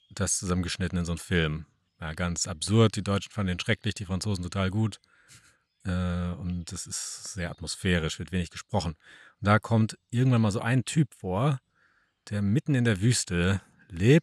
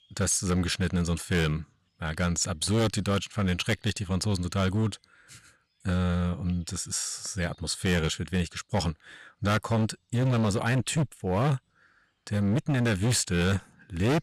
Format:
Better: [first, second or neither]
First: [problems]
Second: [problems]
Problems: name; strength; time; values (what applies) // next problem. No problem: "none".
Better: first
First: none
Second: distortion; heavy; 13% of the sound clipped